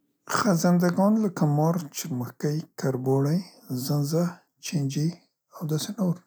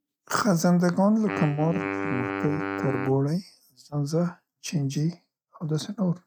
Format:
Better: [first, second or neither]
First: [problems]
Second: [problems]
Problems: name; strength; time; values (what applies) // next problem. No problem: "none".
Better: first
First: none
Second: noise reduction (neural mask model RNNoise)